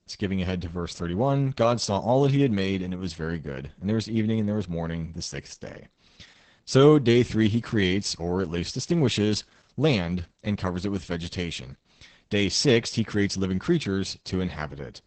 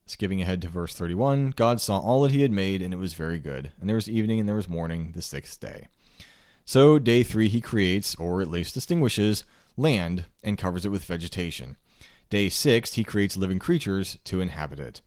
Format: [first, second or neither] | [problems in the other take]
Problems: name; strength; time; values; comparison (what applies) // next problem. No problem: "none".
second | garbled, watery; badly; nothing above 8 kHz; slightly in the second